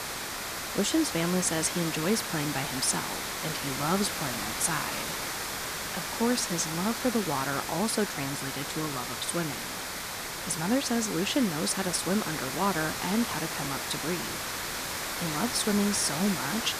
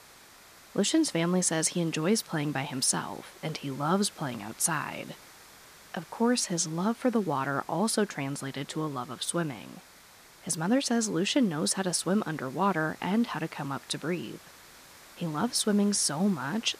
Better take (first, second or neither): second